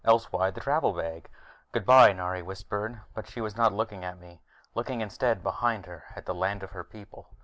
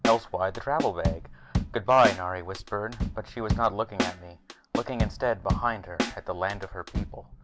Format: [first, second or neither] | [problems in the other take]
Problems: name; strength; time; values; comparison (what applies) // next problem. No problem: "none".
first | background sound (Drum / Drum kit); 3 dB below the speech